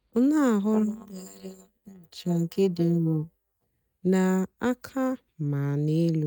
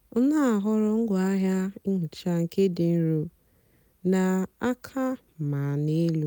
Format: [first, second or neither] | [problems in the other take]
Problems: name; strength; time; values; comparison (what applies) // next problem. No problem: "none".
second | noise reduction (neural mask model DeepFilterNet 3)